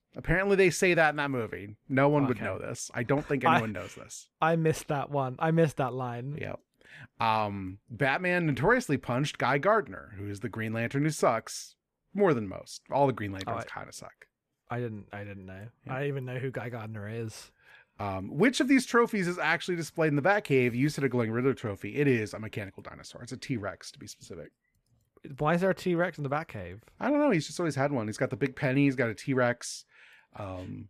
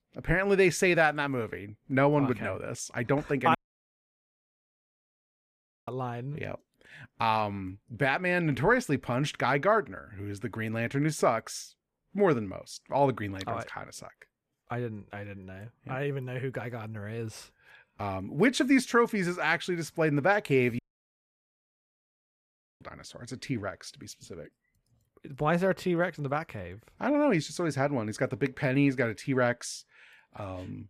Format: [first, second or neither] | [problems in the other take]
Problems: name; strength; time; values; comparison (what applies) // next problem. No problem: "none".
first | audio cutting out; at 3.5 s for 2.5 s and at 21 s for 2 s